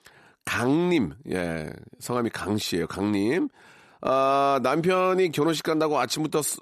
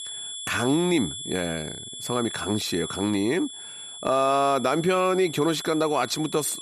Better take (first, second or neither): first